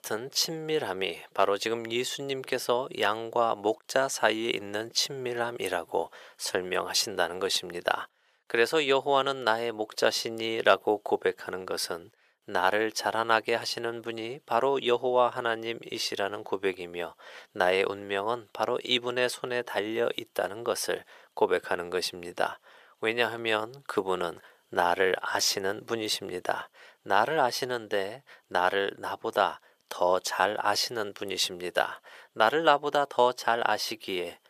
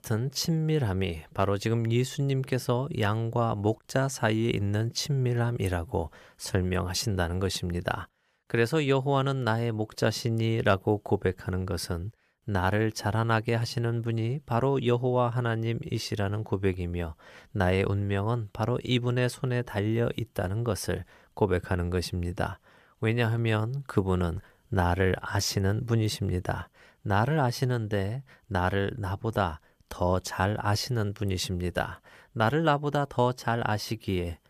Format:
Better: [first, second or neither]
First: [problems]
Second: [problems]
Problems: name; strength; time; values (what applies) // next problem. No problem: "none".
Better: second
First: thin; very; fading below 500 Hz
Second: none